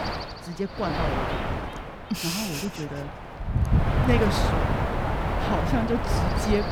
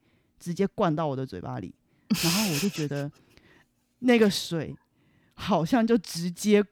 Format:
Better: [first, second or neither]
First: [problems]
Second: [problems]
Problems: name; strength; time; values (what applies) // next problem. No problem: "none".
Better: second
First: wind noise on the microphone; heavy; 2 dB above the speech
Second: none